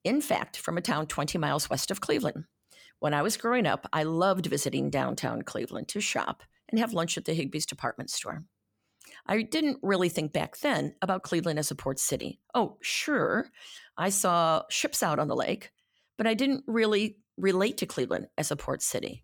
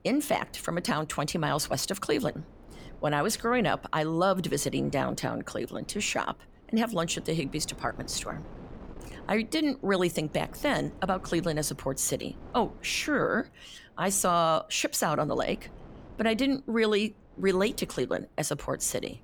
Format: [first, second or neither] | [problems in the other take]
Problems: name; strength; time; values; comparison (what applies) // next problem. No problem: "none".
first | wind noise on the microphone; occasional gusts; 25 dB below the speech